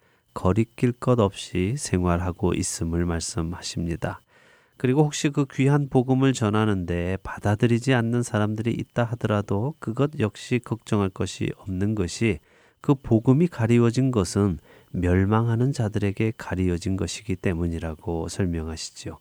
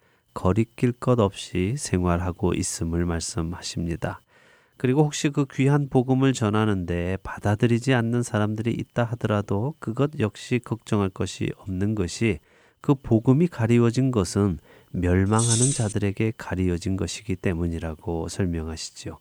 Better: first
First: none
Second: jangling keys; loud; at 15 s; peak 2 dB above the speech

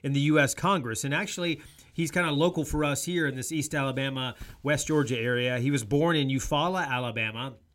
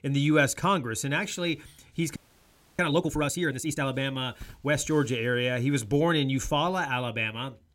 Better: first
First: none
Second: audio freezing; at 2 s for 0.5 s

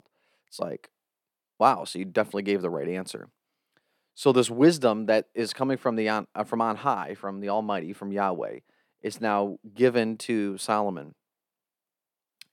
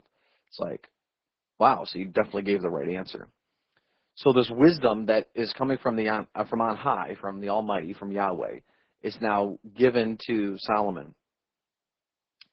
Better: first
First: none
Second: garbled, watery; badly; nothing above 5.5 kHz

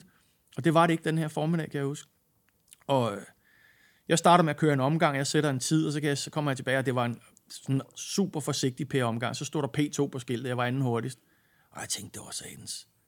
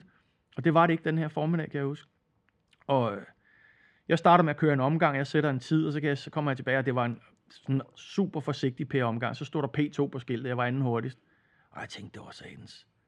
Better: first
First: none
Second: muffled; slightly; fading above 2.5 kHz

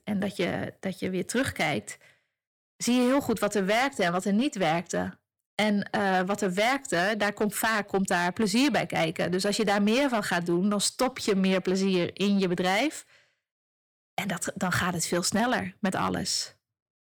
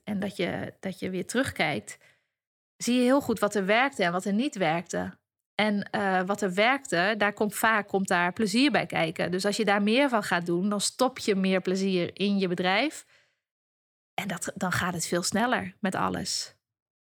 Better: second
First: distortion; slight; 6% of the sound clipped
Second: none

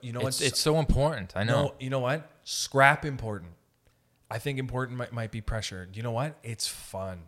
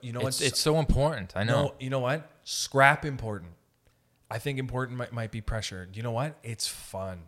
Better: neither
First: none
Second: none

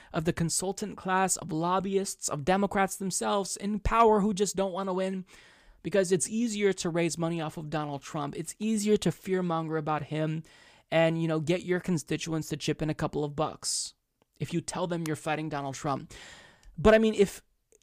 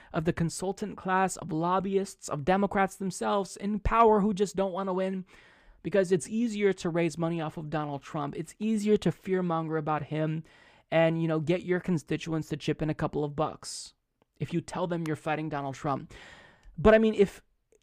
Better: first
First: none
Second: muffled; slightly; fading above 3.5 kHz

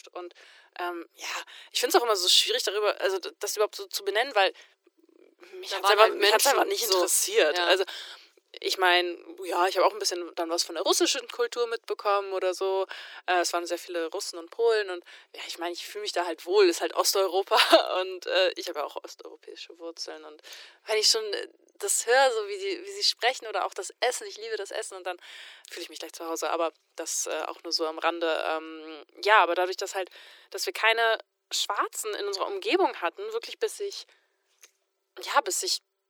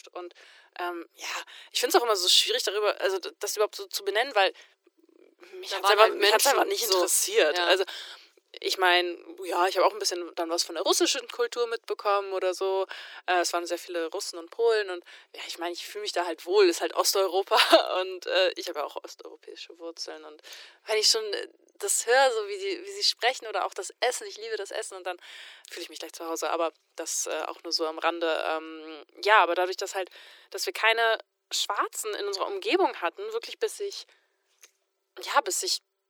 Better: neither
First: thin; very; fading below 350 Hz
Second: thin; very; fading below 350 Hz

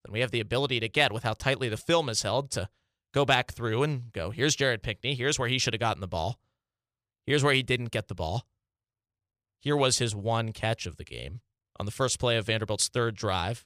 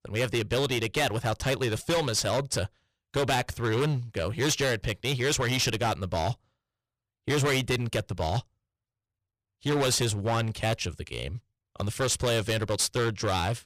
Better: first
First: none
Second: distortion; heavy; 13% of the sound clipped

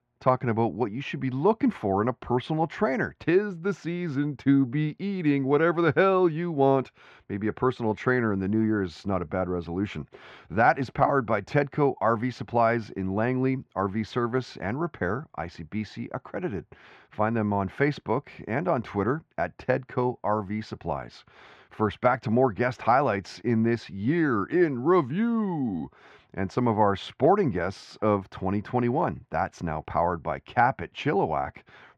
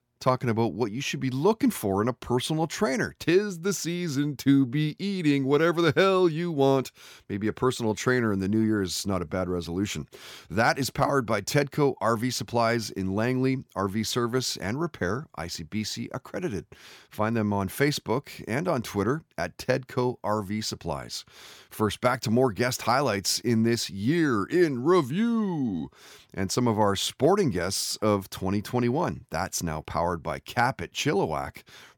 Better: second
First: muffled; very; fading above 2 kHz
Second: none

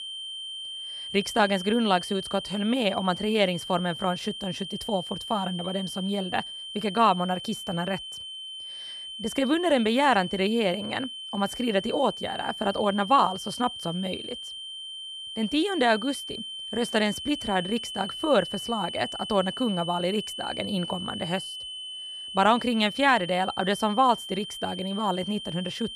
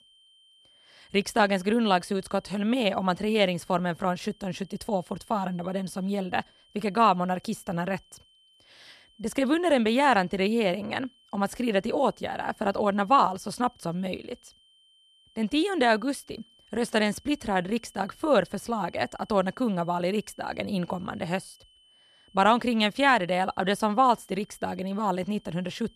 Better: second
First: high-pitched whine; loud; throughout; 3 kHz, 8 dB below the speech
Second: high-pitched whine; faint; throughout; 3 kHz, 30 dB below the speech

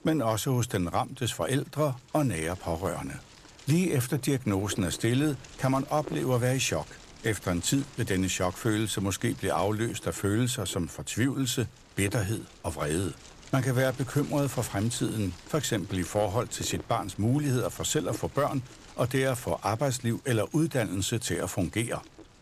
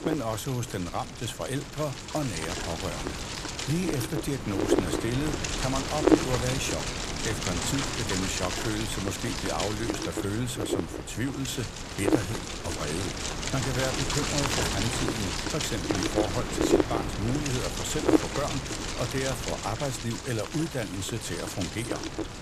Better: first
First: wind noise on the microphone; occasional gusts; 20 dB below the speech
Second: wind noise on the microphone; heavy; 3 dB above the speech

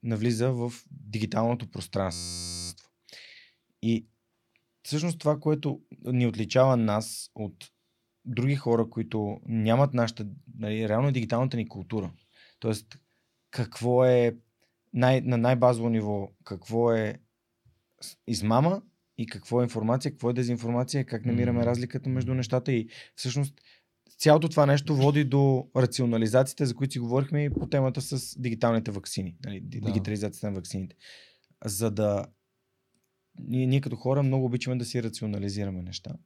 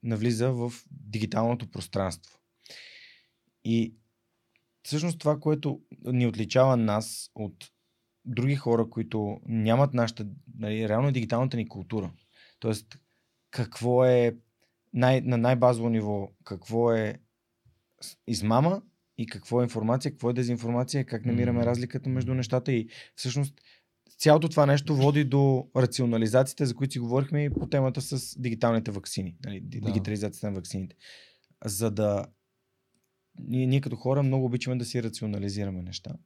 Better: second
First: audio freezing; at 2 s for 0.5 s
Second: none

